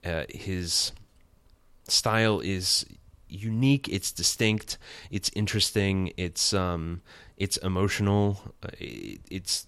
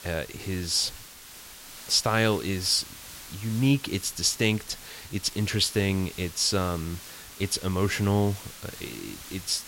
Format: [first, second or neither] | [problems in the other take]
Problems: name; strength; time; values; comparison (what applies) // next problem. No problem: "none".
first | hiss; noticeable; throughout; 15 dB below the speech